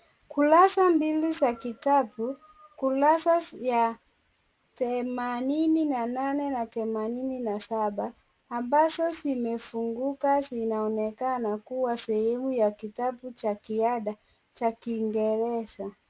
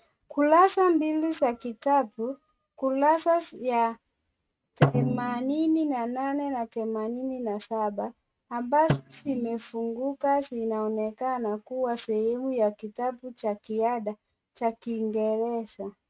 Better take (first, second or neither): first